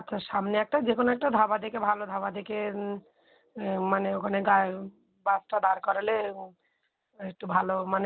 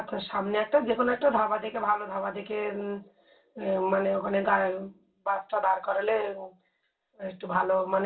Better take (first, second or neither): first